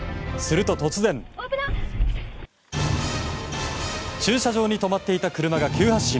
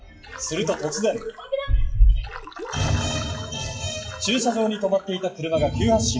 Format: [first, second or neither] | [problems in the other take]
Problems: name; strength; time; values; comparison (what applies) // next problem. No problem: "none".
first | noise reduction (classical method WPE with log-MMSE)